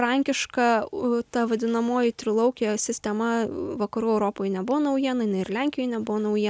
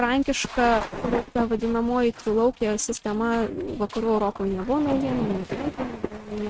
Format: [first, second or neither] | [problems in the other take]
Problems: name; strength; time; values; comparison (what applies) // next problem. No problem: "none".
first | noise reduction (neural mask model RNNoise)